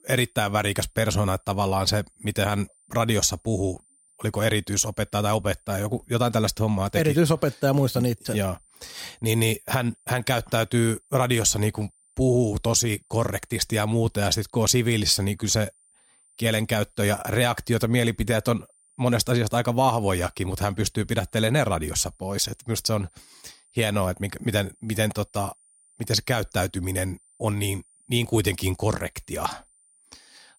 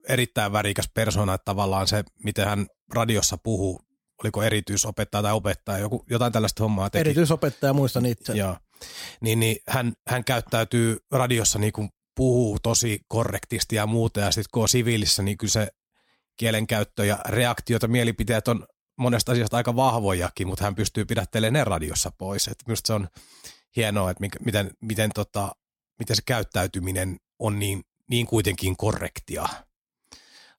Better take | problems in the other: second | high-pitched whine; faint; throughout; 9 kHz, 35 dB below the speech

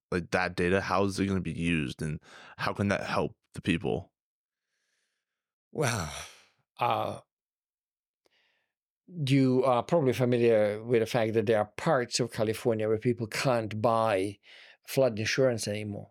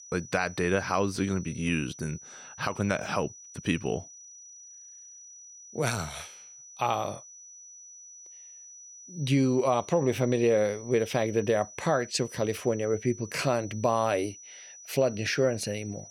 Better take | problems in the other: first | high-pitched whine; noticeable; throughout; 6 kHz, 15 dB below the speech

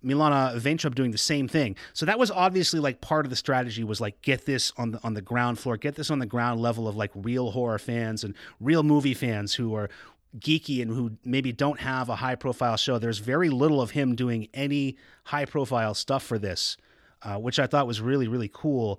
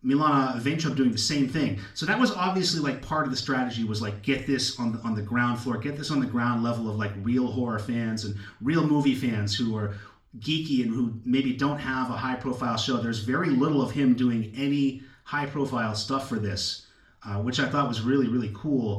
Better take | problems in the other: first | room echo; very slight; dies away in 0.4 s // off-mic speech; somewhat distant

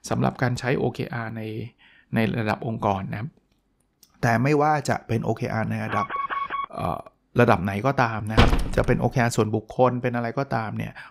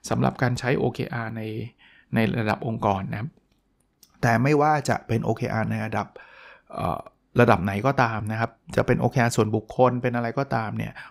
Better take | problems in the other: second | alarm; noticeable; at 6 s; peak 3 dB below the speech // door banging; loud; at 8.5 s; peak 4 dB above the speech

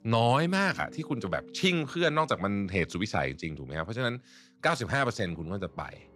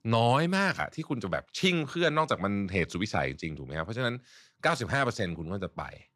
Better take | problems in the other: second | background music; faint; throughout; 20 dB below the speech

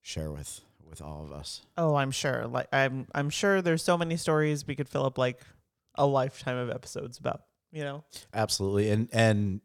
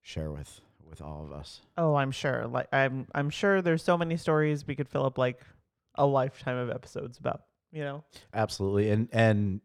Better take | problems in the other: first | muffled; slightly; fading above 4 kHz

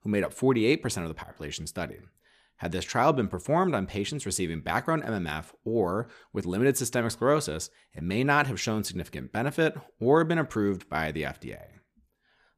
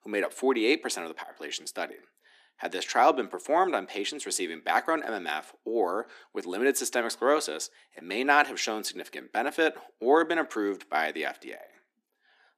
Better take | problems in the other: first | thin; somewhat; fading below 250 Hz

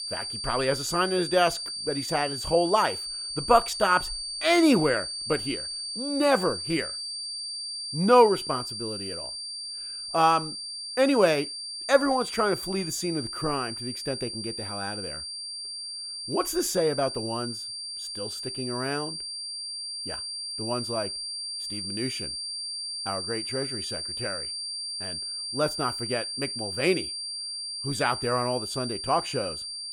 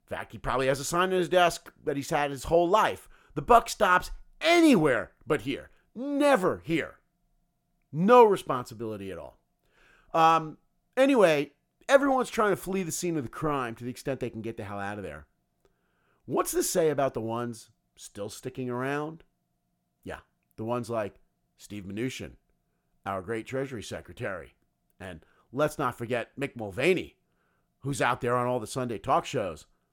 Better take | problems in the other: second | high-pitched whine; loud; throughout; 4.5 kHz, 5 dB below the speech

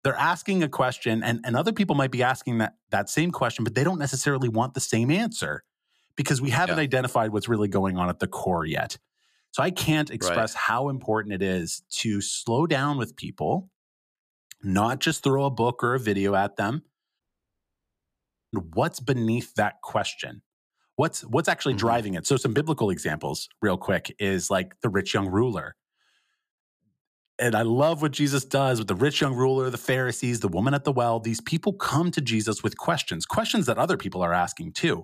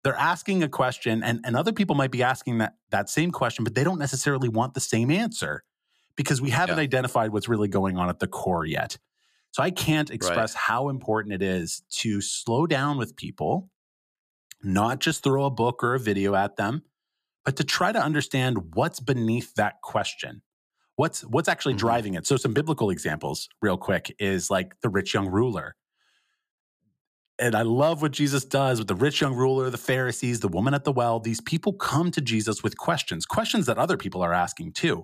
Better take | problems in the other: second | audio cutting out; at 17 s for 1.5 s

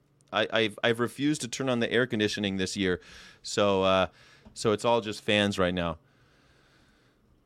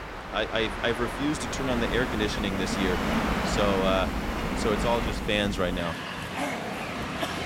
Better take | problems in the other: first | train or aircraft noise; loud; throughout; 2 dB below the speech

